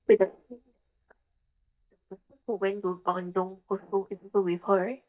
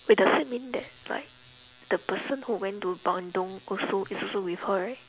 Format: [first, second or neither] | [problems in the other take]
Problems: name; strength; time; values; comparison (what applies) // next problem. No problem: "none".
second | noise reduction (neural mask model DeepFilterNet 3)